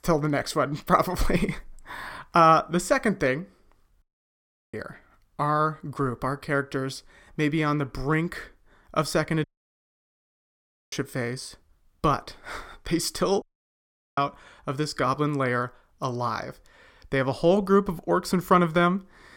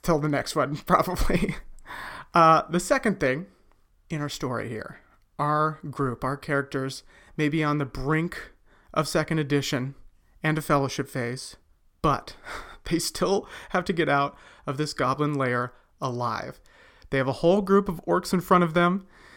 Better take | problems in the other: second | audio cutting out; at 4 s for 0.5 s, at 9.5 s for 1.5 s and at 13 s for 1 s

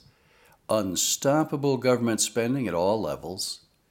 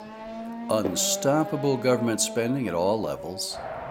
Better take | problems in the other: first | traffic noise; noticeable; throughout; 10 dB below the speech

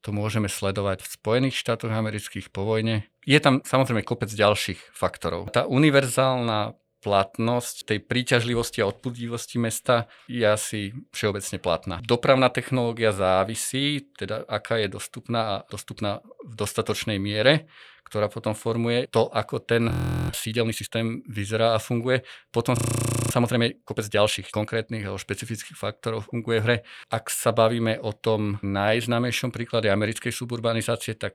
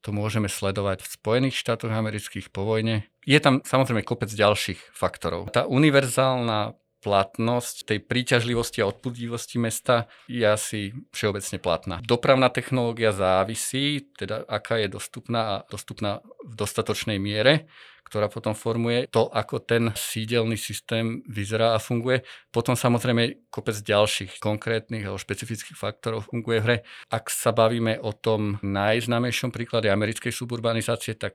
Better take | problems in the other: second | audio freezing; at 20 s and at 23 s for 0.5 s

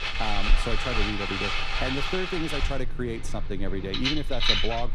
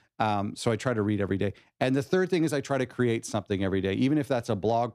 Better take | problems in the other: second | household noises; very loud; throughout; 4 dB above the speech

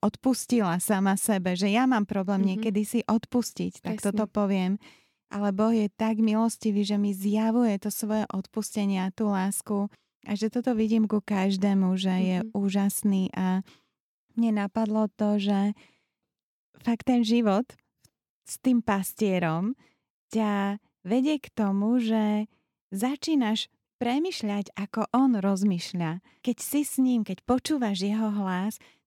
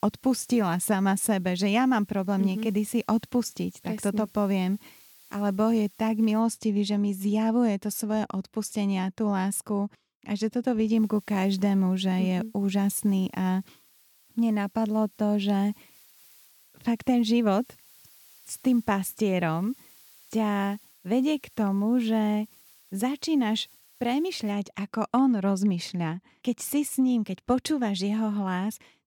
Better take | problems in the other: first | hiss; faint; until 6.5 s and from 11 to 25 s; 25 dB below the speech

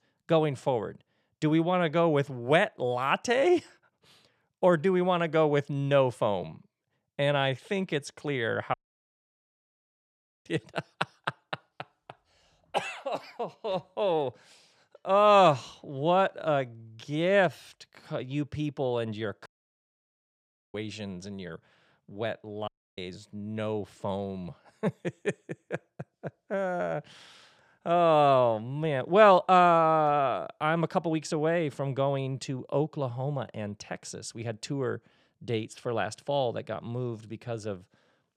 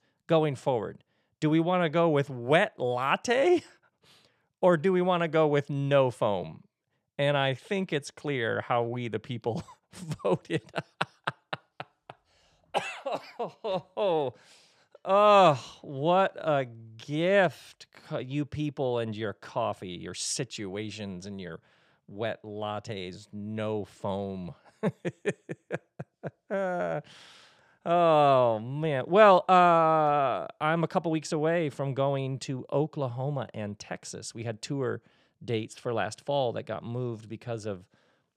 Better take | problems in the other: second | audio cutting out; at 8.5 s for 1.5 s, at 19 s for 1.5 s and at 23 s

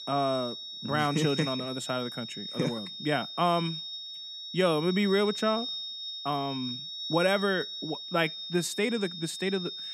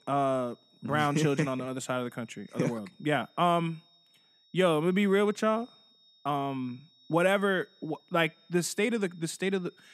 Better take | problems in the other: second | high-pitched whine; loud; throughout; 4 kHz, 6 dB below the speech; faint in the second

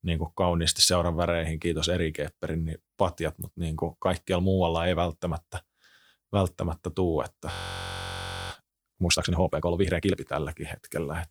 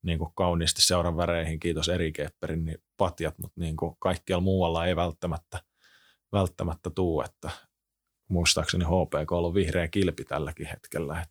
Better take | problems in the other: second | audio freezing; at 7.5 s for 1 s

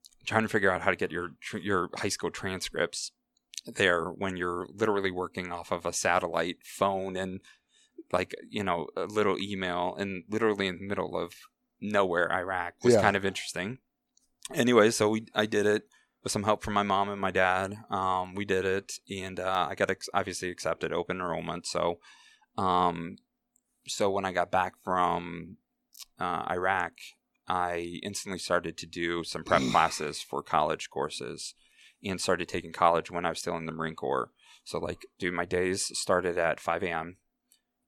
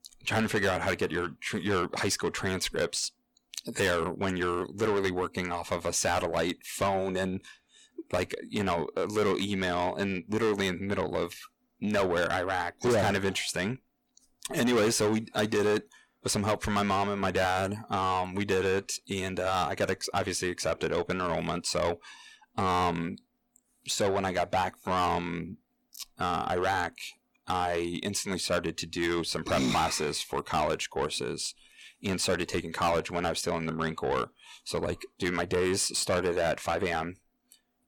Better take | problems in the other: first | distortion; heavy; 6 dB below the speech

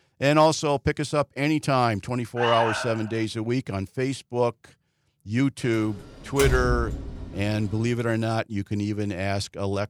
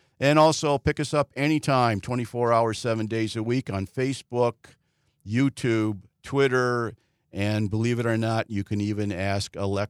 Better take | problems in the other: second | alarm; noticeable; at 2.5 s; peak 1 dB below the speech // door banging; noticeable; from 6.5 to 7.5 s; peak 1 dB below the speech

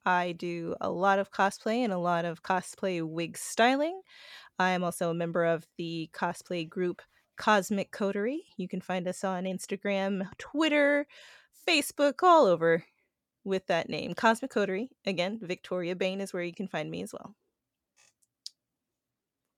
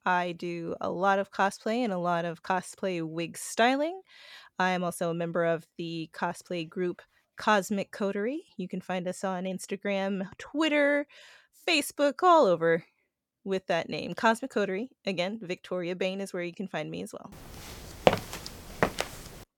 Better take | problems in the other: first | footsteps; loud; at 18 s; peak 3 dB above the speech

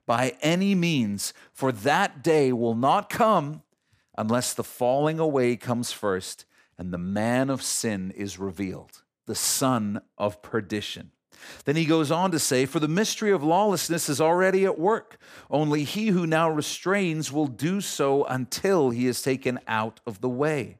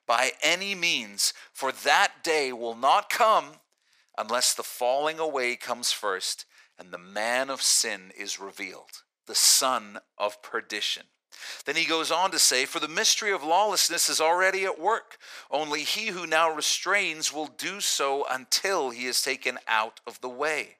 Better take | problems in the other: first | thin; very; fading below 700 Hz

